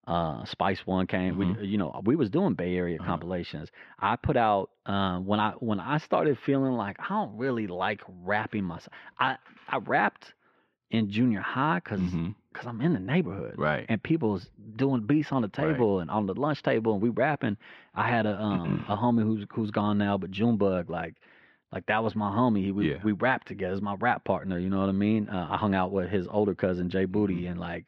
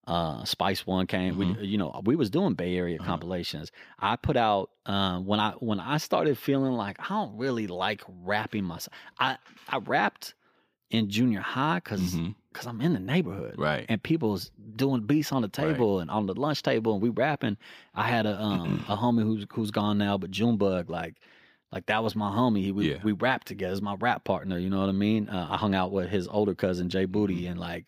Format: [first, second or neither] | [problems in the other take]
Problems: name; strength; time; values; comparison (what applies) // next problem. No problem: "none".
second | muffled; slightly; fading above 2 kHz